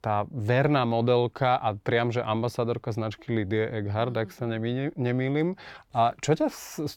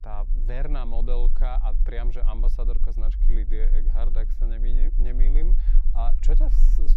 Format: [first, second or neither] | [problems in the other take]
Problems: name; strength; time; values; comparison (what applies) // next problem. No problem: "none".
first | low rumble; noticeable; throughout; 10 dB below the speech